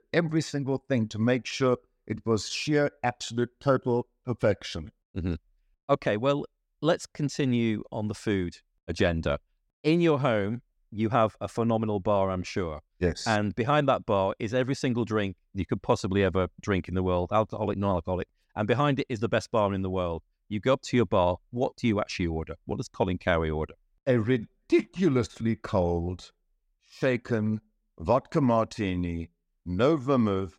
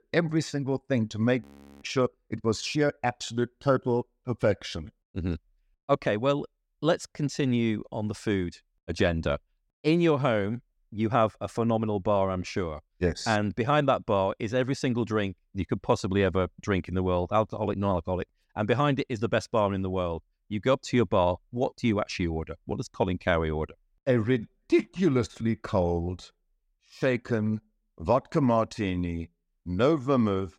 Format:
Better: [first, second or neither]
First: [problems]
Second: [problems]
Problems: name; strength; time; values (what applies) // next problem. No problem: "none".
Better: first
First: none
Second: audio freezing; at 1.5 s